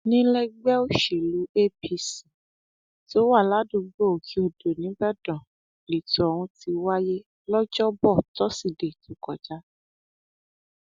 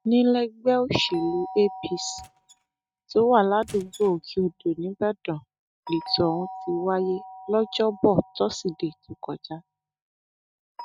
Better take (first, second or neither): first